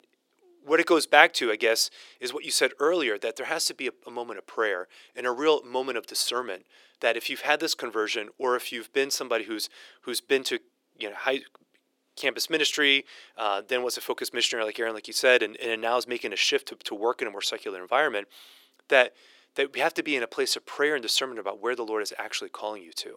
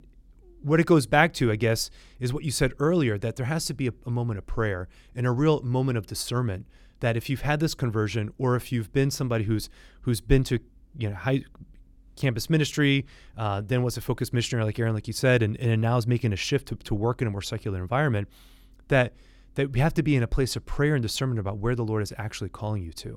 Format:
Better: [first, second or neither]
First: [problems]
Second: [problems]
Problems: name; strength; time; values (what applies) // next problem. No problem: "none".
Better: second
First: thin; very; fading below 400 Hz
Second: none